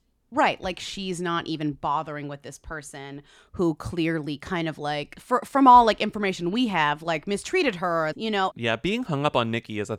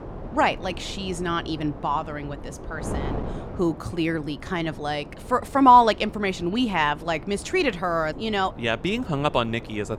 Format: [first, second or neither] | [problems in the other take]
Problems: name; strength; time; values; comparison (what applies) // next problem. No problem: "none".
first | wind noise on the microphone; occasional gusts; 20 dB below the speech